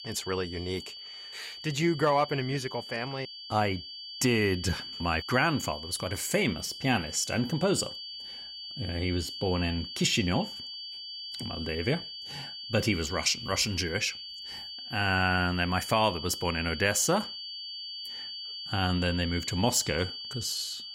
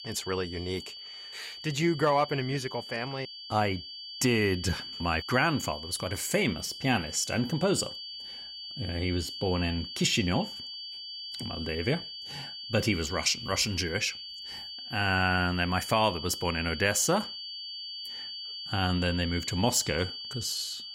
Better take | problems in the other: neither | high-pitched whine; loud; throughout; 4.5 kHz, 9 dB below the speech; the same in both

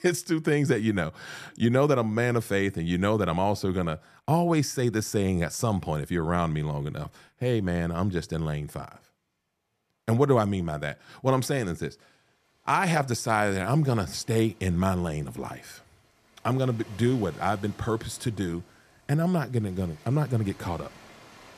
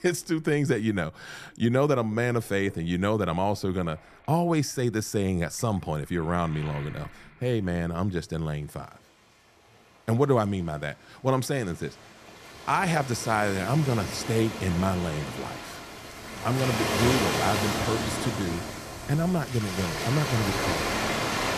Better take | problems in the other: first | rain or running water; loud; throughout; 3 dB below the speech; faint in the first

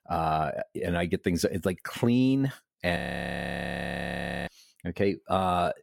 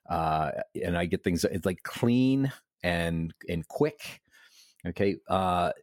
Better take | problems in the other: second | audio freezing; at 3 s for 1.5 s

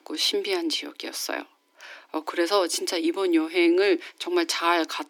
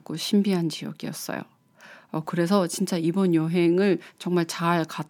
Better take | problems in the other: second | thin; very; fading below 300 Hz

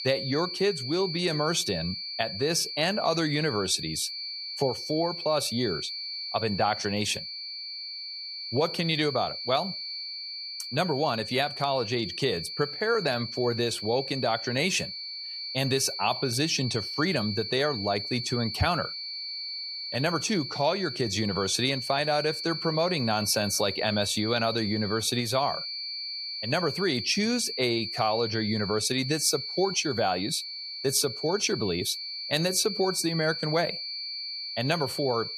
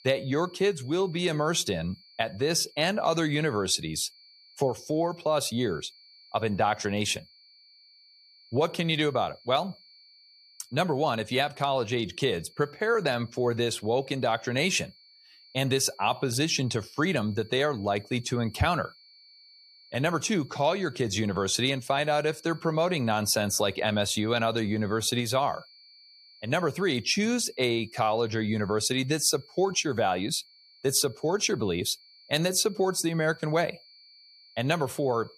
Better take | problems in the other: second | high-pitched whine; loud; throughout; 4.5 kHz, 5 dB below the speech; faint in the second

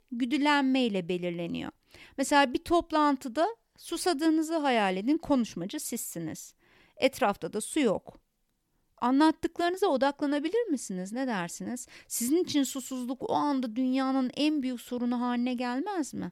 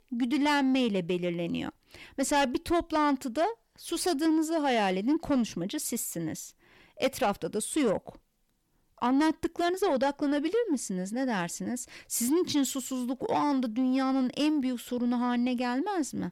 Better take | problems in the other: first | distortion; slight; 10 dB below the speech

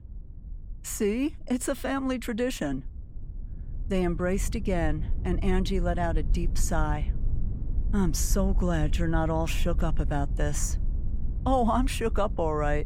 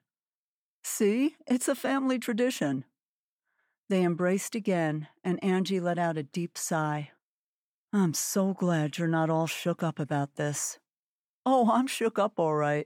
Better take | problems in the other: second | low rumble; noticeable; throughout; 20 dB below the speech

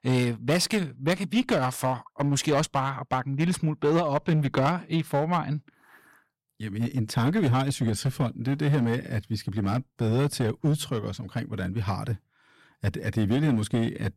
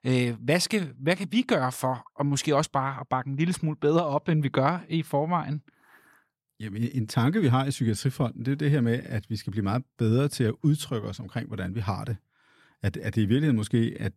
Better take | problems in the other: second | distortion; slight; 6% of the sound clipped

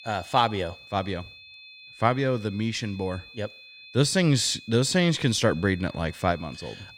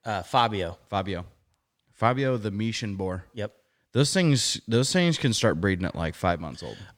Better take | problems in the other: second | high-pitched whine; noticeable; throughout; 2.5 kHz, 20 dB below the speech

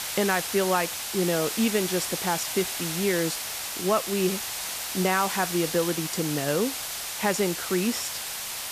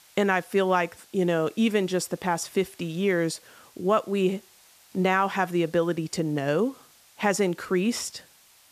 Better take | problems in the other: second | hiss; loud; throughout; 3 dB below the speech; faint in the second

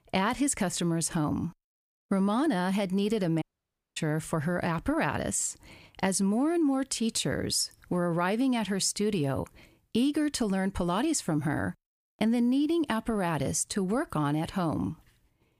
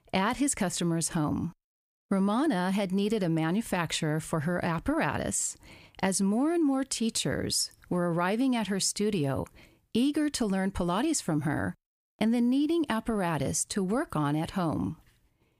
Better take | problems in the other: second | audio cutting out; at 3.5 s for 0.5 s

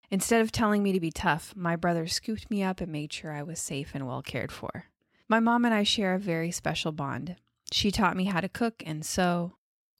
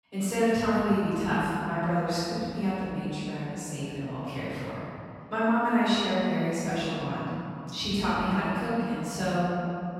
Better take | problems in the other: first | room echo; strong; dies away in 2.5 s // off-mic speech; far

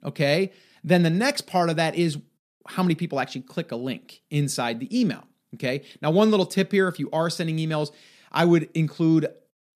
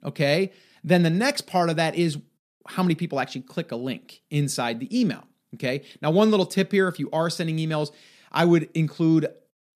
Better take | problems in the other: neither | none

